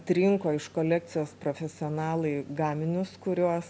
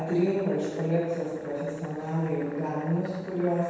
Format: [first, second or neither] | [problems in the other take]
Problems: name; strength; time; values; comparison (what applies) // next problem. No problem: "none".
first | background sound (Boiling); 20 dB below the speech // room echo; dies away in 1.2 s